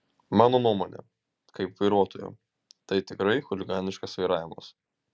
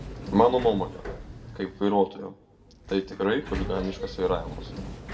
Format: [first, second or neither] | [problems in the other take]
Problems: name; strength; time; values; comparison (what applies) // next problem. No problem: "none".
first | background sound (Sliding door); 11 dB below the speech // room echo; dies away in 0.7 s